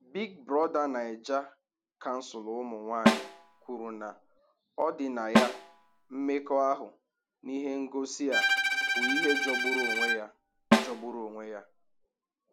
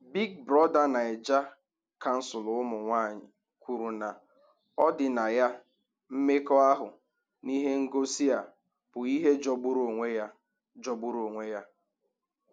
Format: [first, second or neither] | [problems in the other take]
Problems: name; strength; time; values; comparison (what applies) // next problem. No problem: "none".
second | background sound (Snare drum + Bowed string instrument); 4 dB above the speech